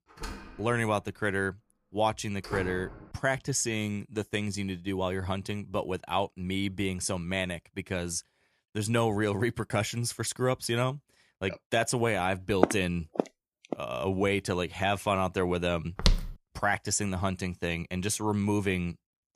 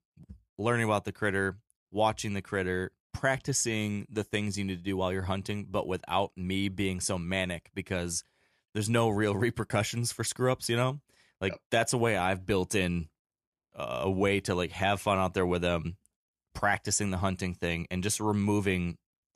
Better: second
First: door banging; noticeable; until 3 s; peak 8 dB below the speech // footsteps; loud; from 13 to 14 s and at 16 s; peak 2 dB above the speech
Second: none

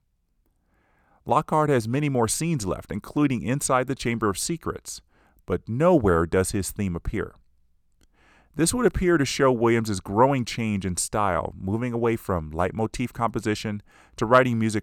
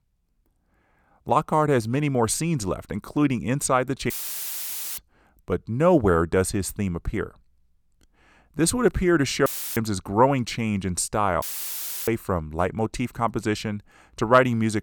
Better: first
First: none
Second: audio cutting out; filled with static; at 4 s for 1 s, at 9.5 s and at 11 s for 0.5 s

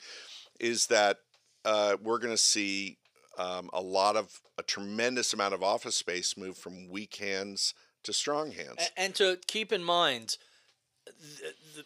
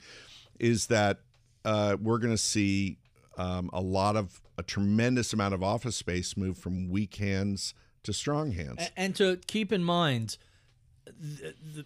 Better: second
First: thin; very; fading below 500 Hz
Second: none

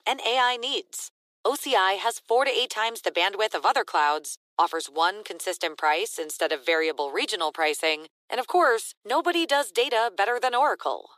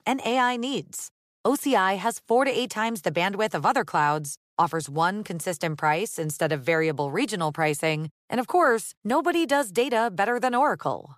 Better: second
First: thin; very; fading below 350 Hz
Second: none

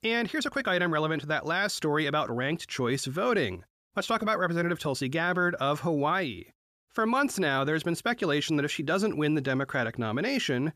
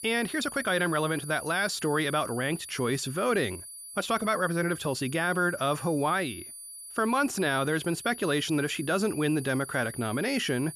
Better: first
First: none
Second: high-pitched whine; noticeable; throughout; 10 kHz, 10 dB below the speech

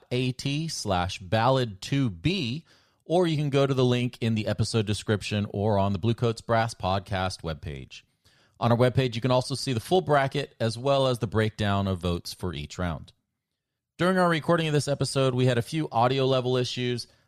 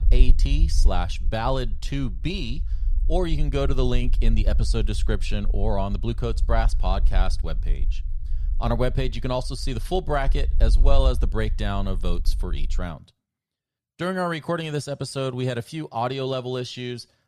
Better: first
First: none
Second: low rumble; faint; until 13 s; 20 dB below the speech

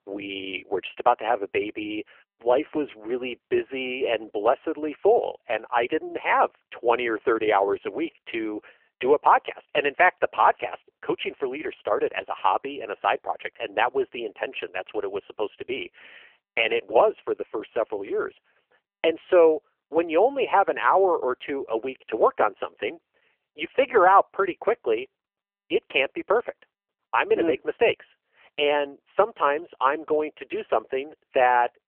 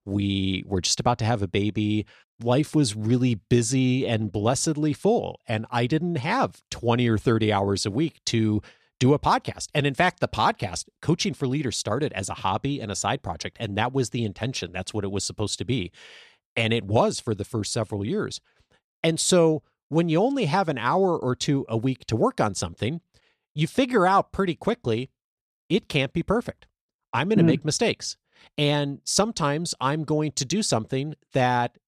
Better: second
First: phone-call audio; poor line; nothing above 3 kHz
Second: none

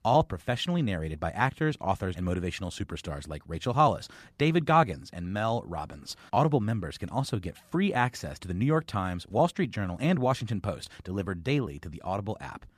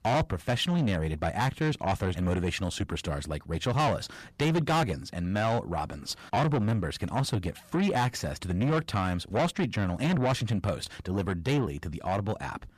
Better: first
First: none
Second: distortion; heavy; 6 dB below the speech

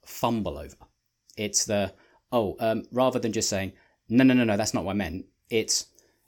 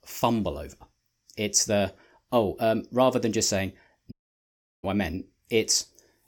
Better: first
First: none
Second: audio cutting out; at 4 s for 0.5 s

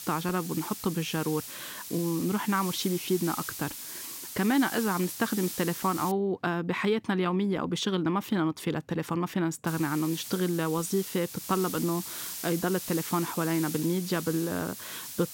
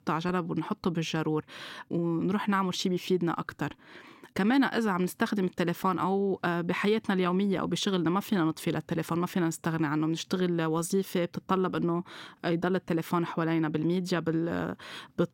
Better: second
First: hiss; loud; until 6 s and from 9.5 s on; 8 dB below the speech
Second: none

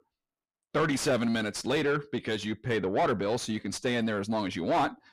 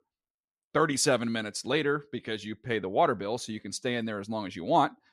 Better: second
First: distortion; heavy; 7 dB below the speech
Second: none

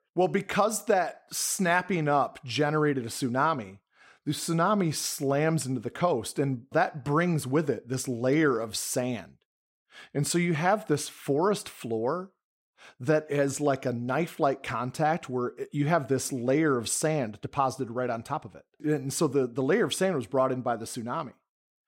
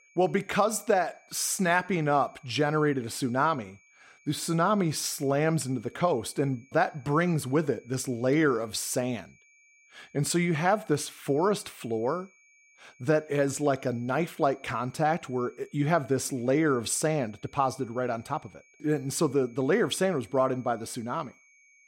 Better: first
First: none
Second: high-pitched whine; faint; throughout; 2.5 kHz, 30 dB below the speech

